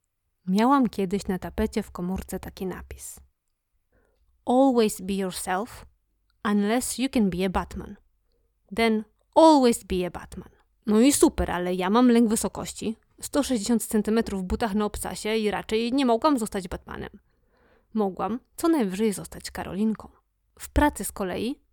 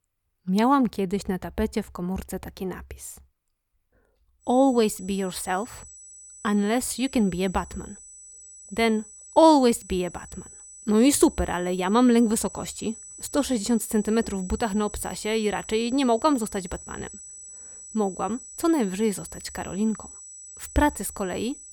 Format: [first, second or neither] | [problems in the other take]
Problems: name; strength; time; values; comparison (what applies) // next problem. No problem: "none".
first | high-pitched whine; noticeable; from 4.5 s on; 8 kHz, 15 dB below the speech